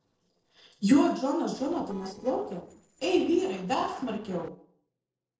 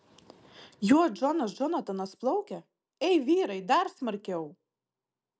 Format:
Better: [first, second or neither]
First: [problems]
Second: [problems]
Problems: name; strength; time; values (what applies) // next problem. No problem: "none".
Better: second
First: noise reduction (neural separator model SepFormer DNS4)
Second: none